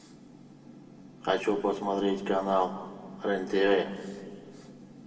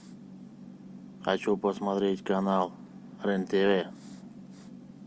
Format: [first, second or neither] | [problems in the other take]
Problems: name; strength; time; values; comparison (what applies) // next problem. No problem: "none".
second | room echo; dies away in 1.6 s